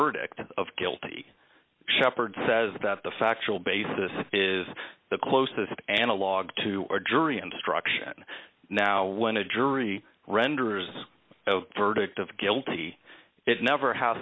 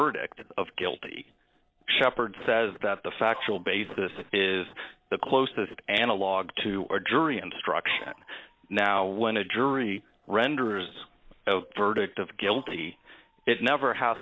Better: first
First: none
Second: noise reduction (neural separator model SepFormer DNS4)

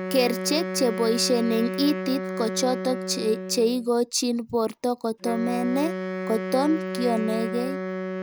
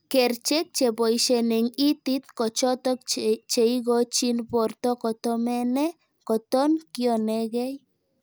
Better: second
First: background sound (Wind instrument, woodwind instrument); 6 dB below the speech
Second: none

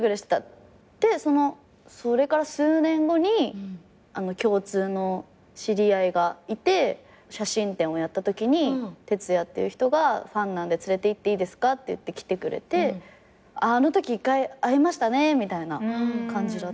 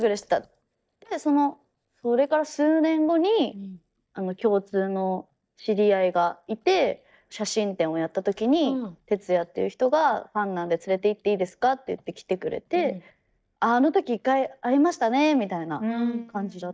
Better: first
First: none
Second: noise reduction (neural mask model DeepFilterNet 3)

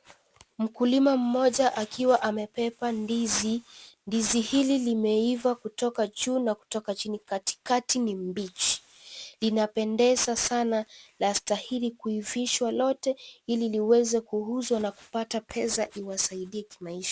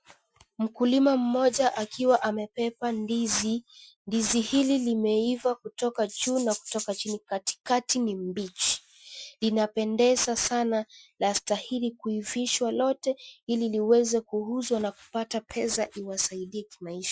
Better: first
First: none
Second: noise reduction (classical method Wiener filter)

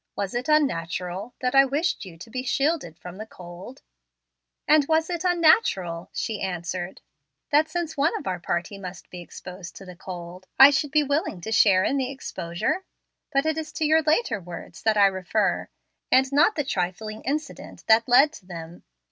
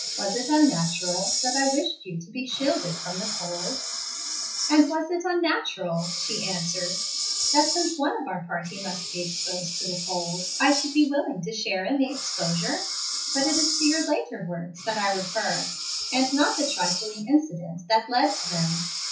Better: first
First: none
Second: noise reduction (classical method WPE with log-MMSE)

